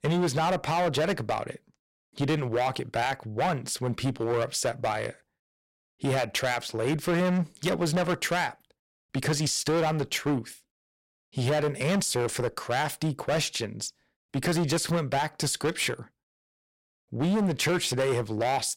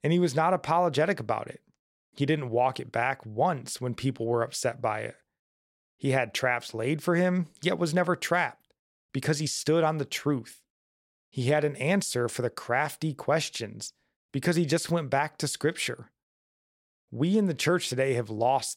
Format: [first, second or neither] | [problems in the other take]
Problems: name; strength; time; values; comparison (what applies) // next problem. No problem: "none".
second | distortion; heavy; 14% of the sound clipped